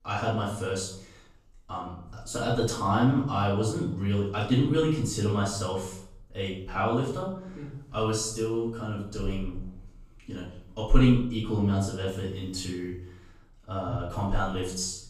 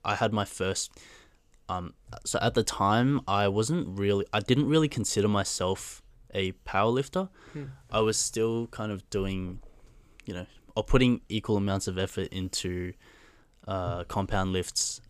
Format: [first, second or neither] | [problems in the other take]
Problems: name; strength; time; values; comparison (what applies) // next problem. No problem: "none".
second | off-mic speech; far // room echo; noticeable; dies away in 0.6 s